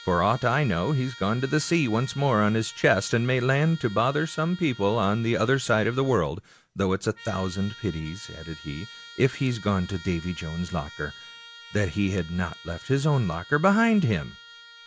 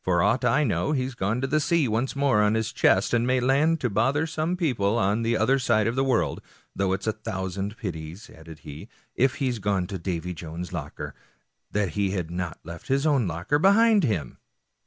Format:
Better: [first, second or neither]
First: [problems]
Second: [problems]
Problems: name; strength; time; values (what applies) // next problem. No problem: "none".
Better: second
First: background sound (Trumpet); 20 dB below the speech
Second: none